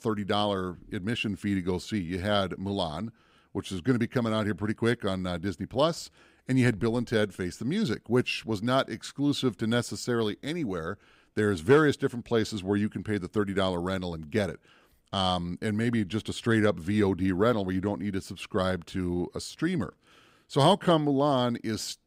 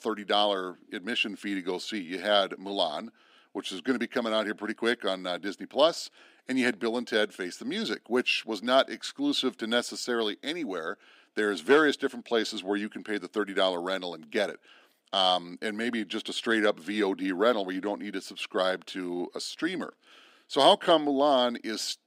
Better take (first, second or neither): first